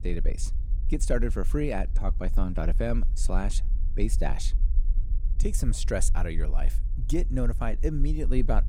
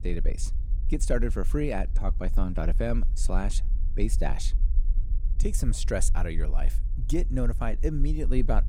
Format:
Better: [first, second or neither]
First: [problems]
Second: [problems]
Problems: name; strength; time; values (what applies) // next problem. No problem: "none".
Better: neither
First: low rumble; noticeable; throughout; 20 dB below the speech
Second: low rumble; noticeable; throughout; 20 dB below the speech